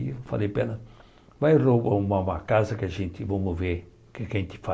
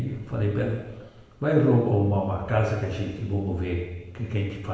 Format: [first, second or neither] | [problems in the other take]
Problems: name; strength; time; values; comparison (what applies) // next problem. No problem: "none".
first | room echo; dies away in 1.1 s